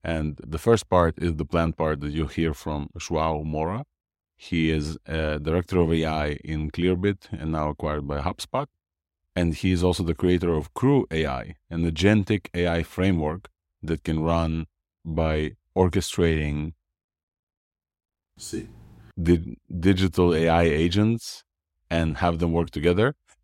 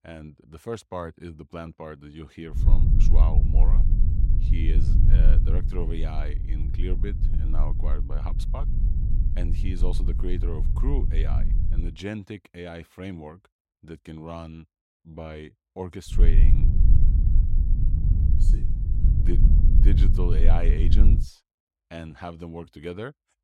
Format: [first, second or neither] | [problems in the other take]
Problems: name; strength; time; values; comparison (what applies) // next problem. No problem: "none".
first | low rumble; loud; from 2.5 to 12 s and from 16 to 21 s; 3 dB below the speech